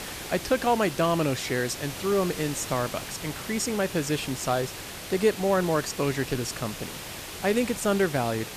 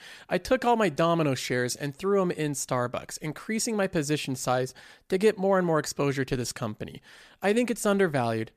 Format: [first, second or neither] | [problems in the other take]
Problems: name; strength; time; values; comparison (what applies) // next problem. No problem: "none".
second | hiss; loud; throughout; 9 dB below the speech